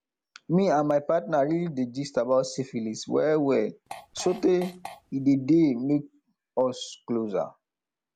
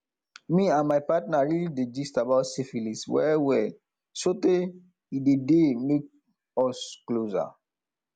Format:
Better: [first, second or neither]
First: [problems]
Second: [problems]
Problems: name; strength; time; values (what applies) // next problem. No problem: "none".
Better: second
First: background sound (Fart); 17 dB below the speech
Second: none